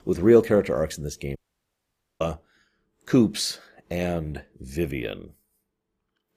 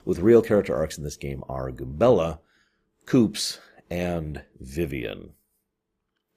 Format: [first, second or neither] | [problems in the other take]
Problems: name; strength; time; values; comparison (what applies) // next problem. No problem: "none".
second | audio cutting out; at 1.5 s for 1 s